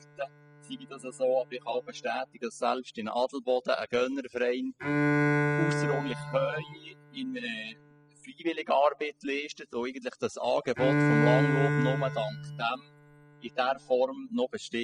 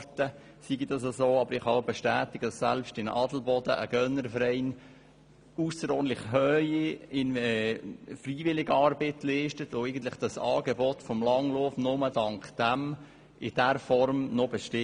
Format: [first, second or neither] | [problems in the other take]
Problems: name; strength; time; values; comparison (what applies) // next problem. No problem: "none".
second | noise reduction (classical method spectral subtraction)